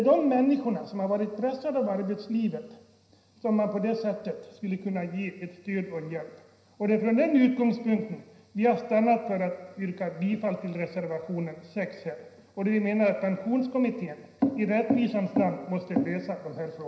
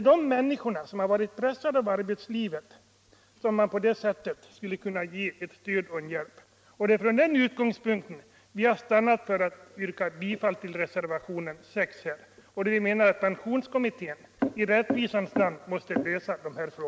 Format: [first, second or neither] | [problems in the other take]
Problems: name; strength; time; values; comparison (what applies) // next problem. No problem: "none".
second | room echo; dies away in 0.9 s